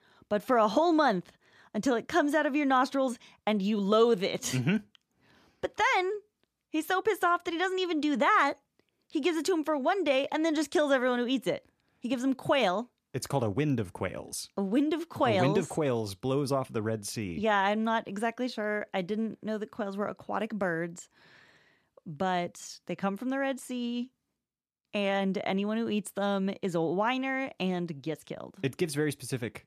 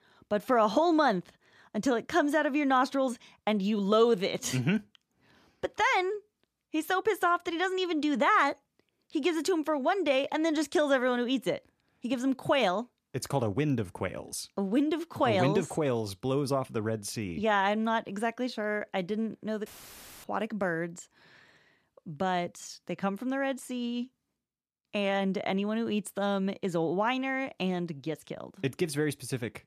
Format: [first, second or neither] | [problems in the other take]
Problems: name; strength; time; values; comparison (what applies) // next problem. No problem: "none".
first | audio cutting out; filled with static; at 20 s for 0.5 s